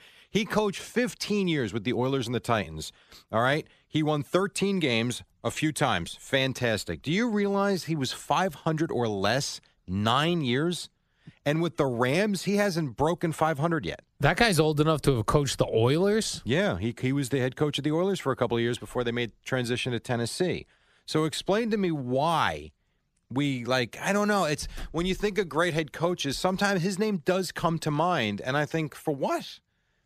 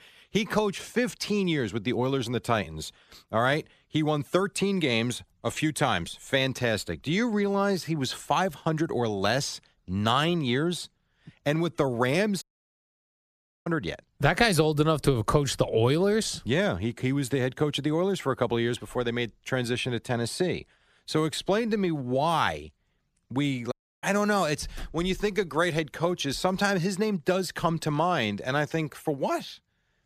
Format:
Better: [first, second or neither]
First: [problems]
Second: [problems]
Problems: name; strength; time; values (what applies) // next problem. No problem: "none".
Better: first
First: none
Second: audio cutting out; at 12 s for 1 s and at 24 s